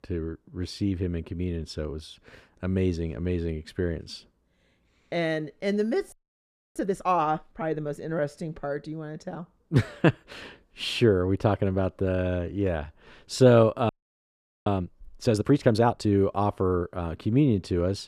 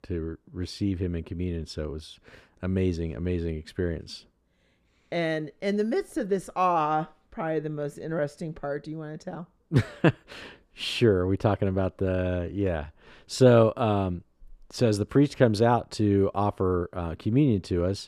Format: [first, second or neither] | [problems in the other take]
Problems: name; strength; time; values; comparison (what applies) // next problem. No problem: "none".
second | audio freezing; at 6 s for 0.5 s and at 14 s for 1 s